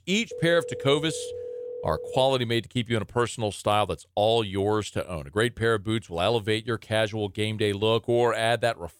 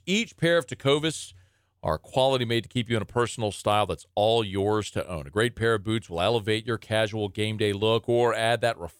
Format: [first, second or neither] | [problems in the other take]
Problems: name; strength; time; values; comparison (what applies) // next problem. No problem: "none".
second | phone ringing; faint; until 2.5 s; peak 10 dB below the speech